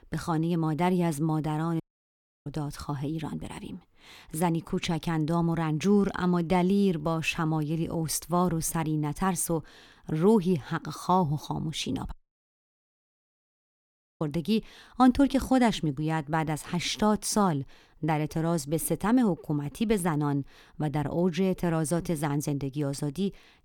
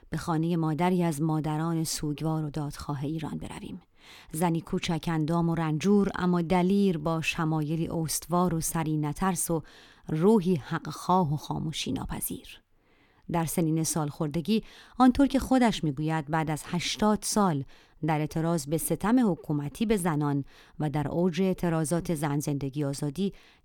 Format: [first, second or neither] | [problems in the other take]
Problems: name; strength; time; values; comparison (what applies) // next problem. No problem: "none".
second | audio cutting out; at 2 s for 0.5 s and at 12 s for 2 s